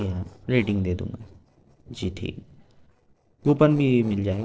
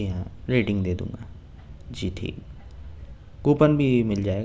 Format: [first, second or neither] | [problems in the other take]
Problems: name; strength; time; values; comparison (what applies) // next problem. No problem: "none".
second | noise reduction (neural separator model SepFormer DNS4)